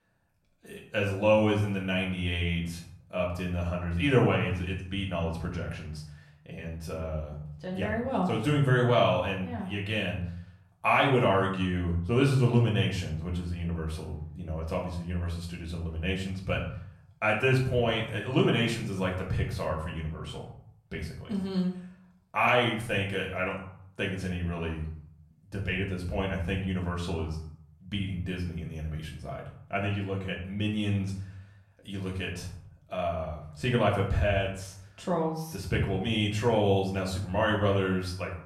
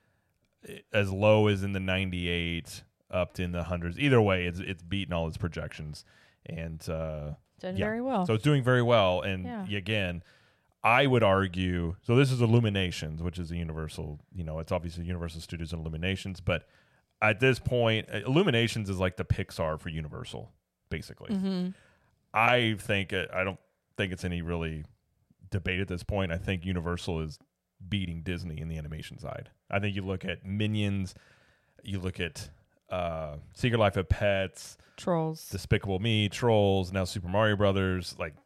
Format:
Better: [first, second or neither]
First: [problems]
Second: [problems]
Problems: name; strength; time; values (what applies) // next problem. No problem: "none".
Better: second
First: room echo; slight; dies away in 0.6 s // off-mic speech; far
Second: none